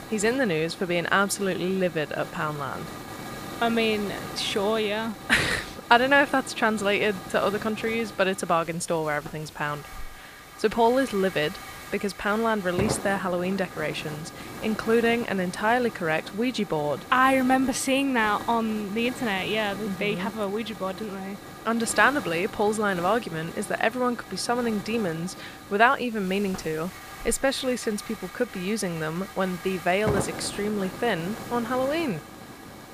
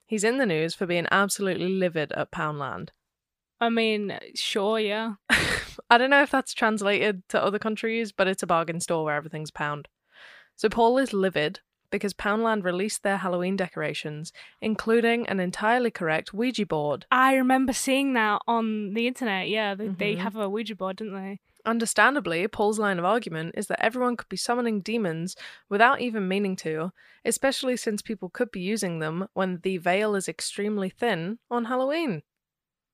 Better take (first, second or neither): second